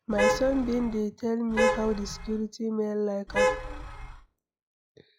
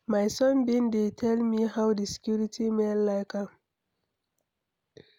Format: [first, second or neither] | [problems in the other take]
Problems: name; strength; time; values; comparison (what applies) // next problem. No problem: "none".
second | noise reduction (classical method log-MMSE)